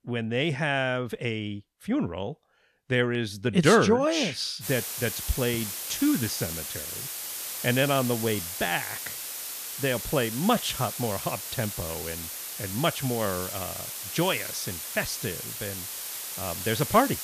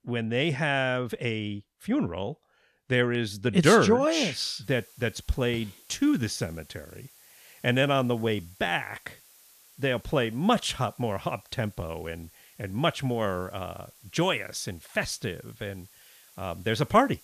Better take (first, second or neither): second